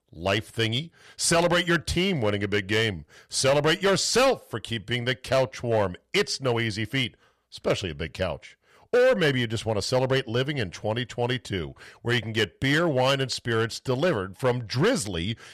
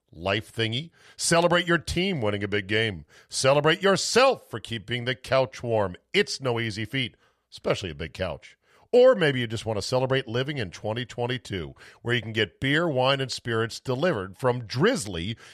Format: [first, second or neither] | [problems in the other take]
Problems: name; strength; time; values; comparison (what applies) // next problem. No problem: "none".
second | distortion; slight; 5% of the sound clipped